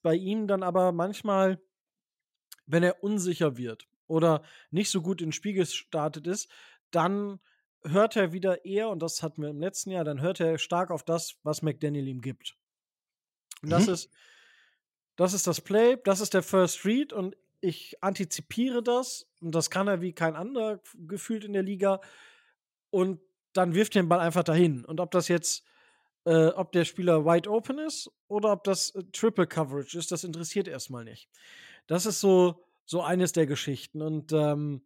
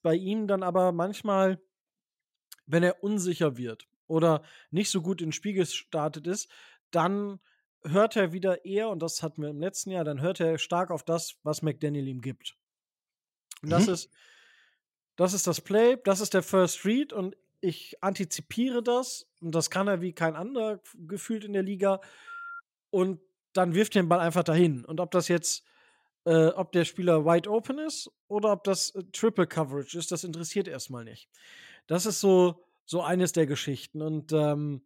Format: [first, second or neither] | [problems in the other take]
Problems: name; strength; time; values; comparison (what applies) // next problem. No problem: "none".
first | phone ringing; faint; at 22 s; peak 15 dB below the speech